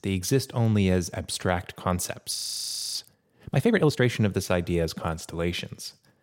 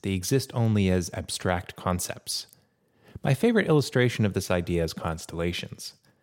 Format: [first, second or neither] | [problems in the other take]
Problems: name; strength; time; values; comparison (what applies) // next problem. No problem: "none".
second | audio freezing; at 2.5 s for 0.5 s